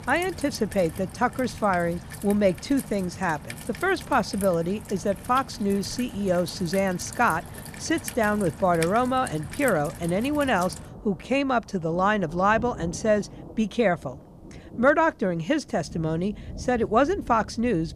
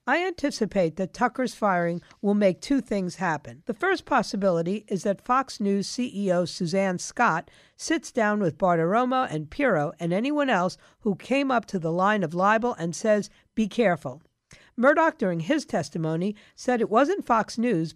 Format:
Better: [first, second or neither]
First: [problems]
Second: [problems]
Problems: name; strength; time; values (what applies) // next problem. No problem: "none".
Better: second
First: rain or running water; noticeable; throughout; 15 dB below the speech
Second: none